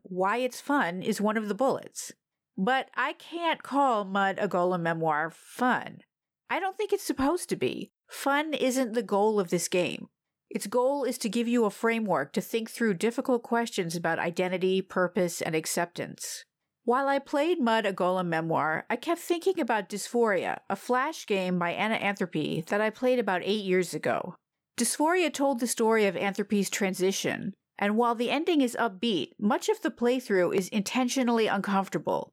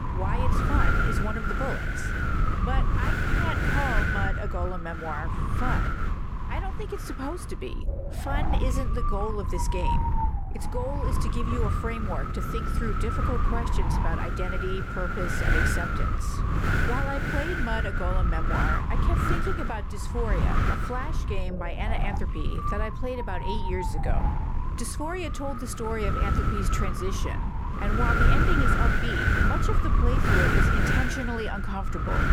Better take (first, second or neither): first